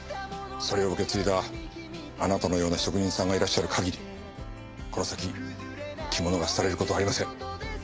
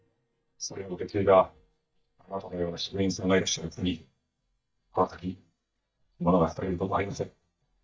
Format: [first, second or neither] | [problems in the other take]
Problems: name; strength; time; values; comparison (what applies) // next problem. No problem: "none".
first | noise reduction (neural mask model DeepFilterNet 3)